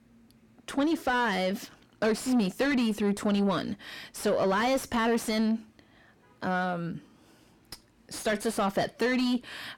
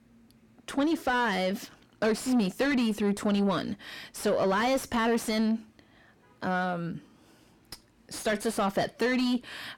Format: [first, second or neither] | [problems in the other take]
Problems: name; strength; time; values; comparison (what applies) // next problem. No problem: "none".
neither | distortion; heavy; 7 dB below the speech; the same in both